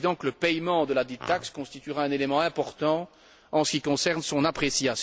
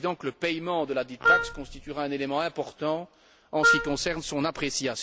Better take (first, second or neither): first